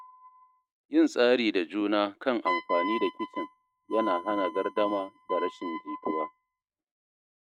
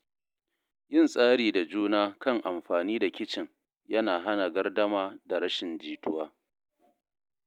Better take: second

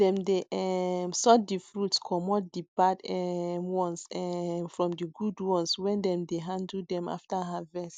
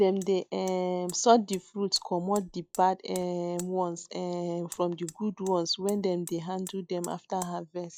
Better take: first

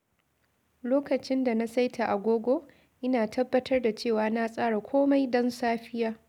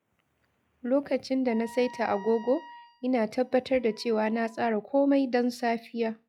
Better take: first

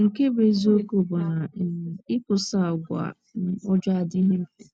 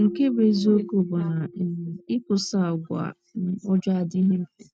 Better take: first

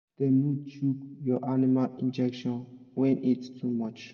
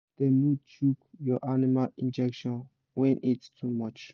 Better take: second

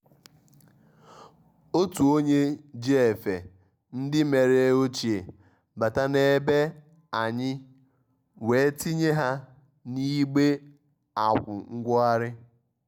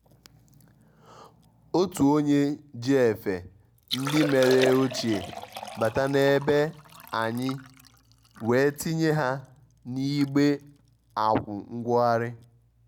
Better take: first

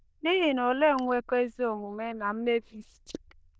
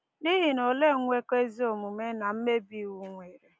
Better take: second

